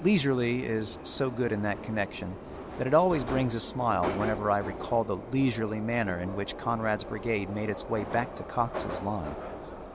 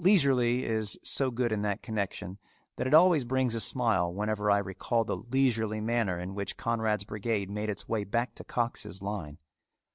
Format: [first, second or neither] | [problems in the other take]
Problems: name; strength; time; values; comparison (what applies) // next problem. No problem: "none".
second | background sound (Subway, metro, underground); 9 dB below the speech